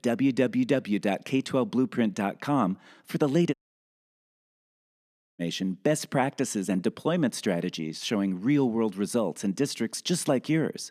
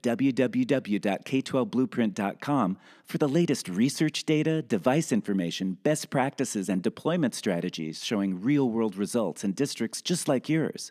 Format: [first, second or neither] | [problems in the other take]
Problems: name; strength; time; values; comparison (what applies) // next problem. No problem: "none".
second | audio cutting out; at 3.5 s for 2 s